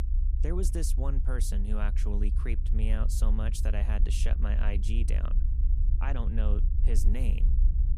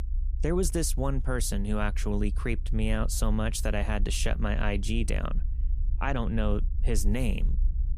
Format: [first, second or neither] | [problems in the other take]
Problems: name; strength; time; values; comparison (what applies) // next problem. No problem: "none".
second | low rumble; loud; throughout; 9 dB below the speech; faint in the second